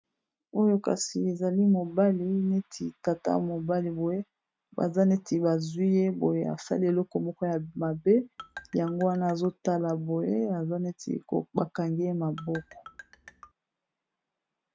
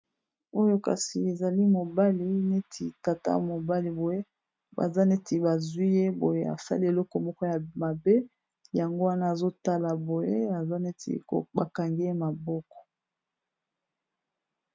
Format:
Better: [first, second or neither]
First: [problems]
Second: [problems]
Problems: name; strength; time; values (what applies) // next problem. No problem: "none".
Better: second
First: background sound (Marimba, xylophone); 19 dB below the speech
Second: none